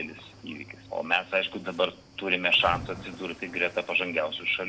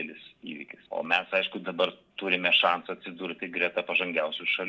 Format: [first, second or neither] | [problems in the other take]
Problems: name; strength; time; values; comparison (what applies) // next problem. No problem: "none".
second | background sound (Cricket / Waves, surf); 17 dB below the speech